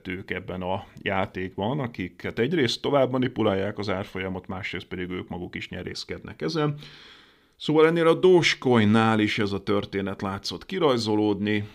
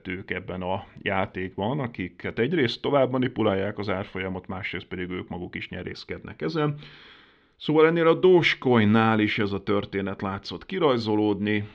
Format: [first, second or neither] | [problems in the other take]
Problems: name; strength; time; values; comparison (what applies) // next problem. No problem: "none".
first | muffled; very slightly; fading above 3 kHz